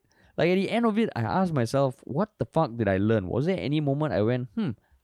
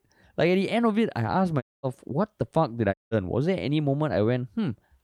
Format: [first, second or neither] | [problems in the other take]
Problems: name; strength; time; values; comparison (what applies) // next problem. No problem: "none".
first | audio cutting out; at 1.5 s and at 3 s